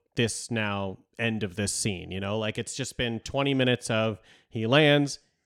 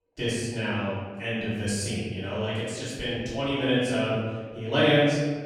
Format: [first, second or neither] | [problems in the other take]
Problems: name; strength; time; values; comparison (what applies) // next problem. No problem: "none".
first | off-mic speech; far // room echo; strong; dies away in 1.3 s